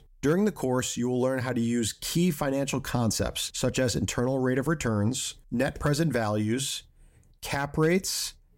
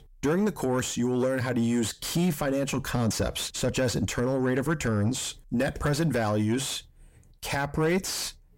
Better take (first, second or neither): first